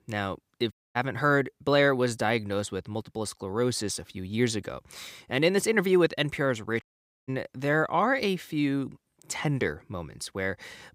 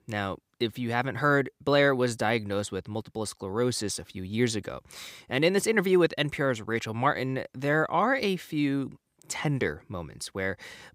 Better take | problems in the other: second | audio cutting out; at 0.5 s and at 7 s

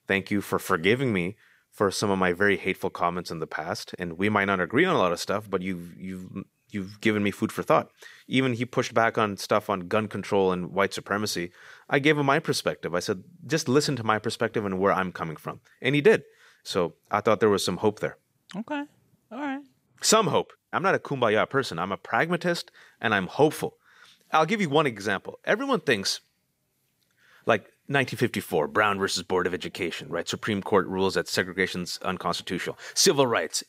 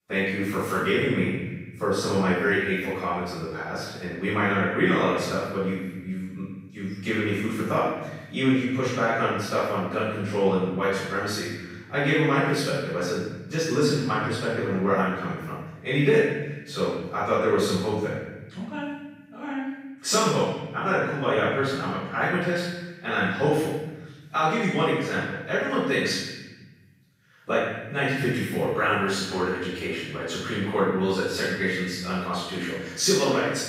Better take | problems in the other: first | off-mic speech; far // room echo; strong; dies away in 1.2 s

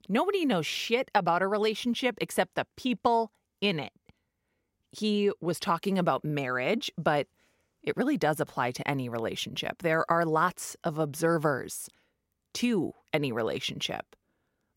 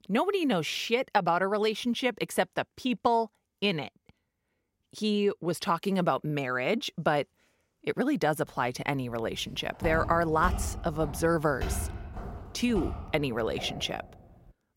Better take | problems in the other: first | footsteps; noticeable; from 10 to 14 s; peak 5 dB below the speech

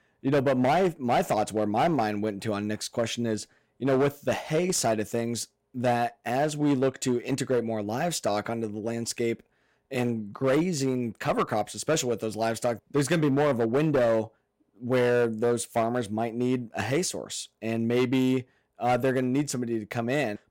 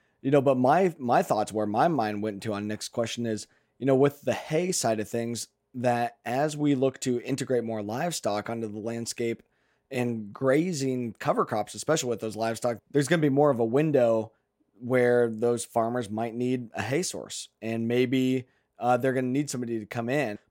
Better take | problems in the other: second | distortion; slight; 8% of the sound clipped

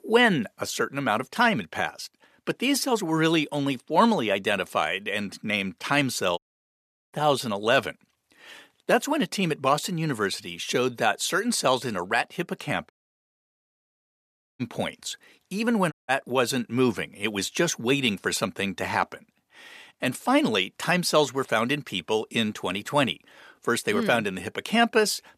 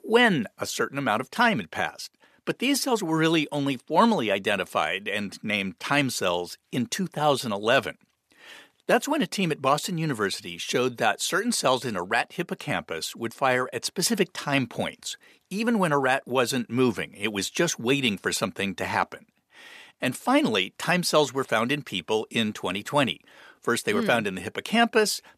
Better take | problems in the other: second | audio cutting out; at 6.5 s for 0.5 s, at 13 s for 1.5 s and at 16 s

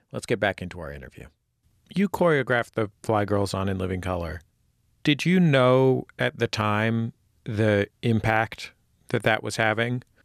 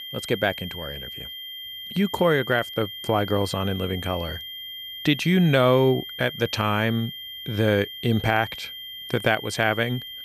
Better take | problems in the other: first | high-pitched whine; noticeable; throughout; 3 kHz, 10 dB below the speech

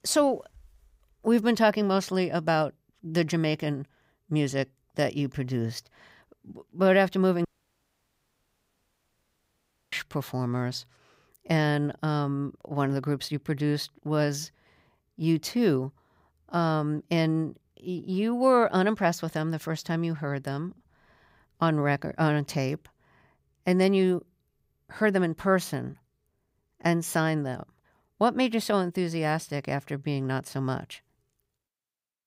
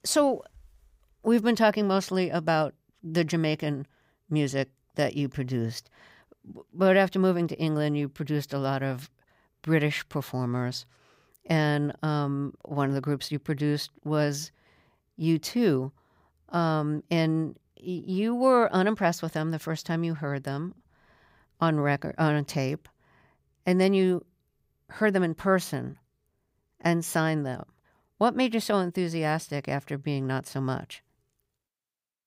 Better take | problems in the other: second | audio cutting out; at 7.5 s for 2.5 s

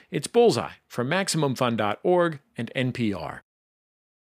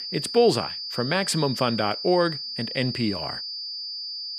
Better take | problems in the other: first | high-pitched whine; loud; throughout; 4.5 kHz, 6 dB below the speech

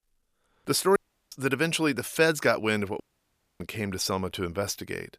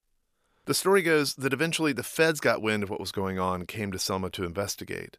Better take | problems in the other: second | audio cutting out; at 1 s and at 3 s for 0.5 s

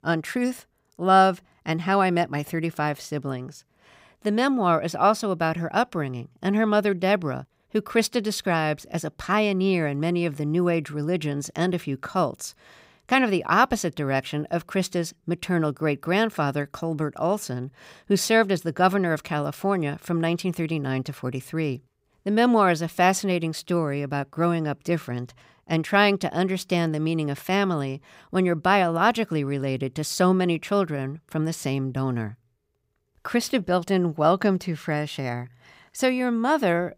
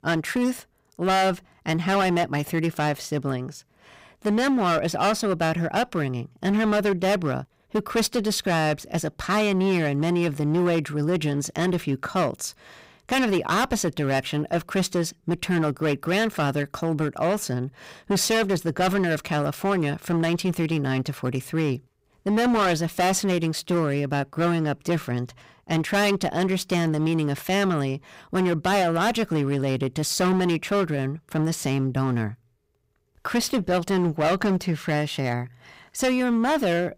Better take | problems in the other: first | distortion; heavy; 13% of the sound clipped

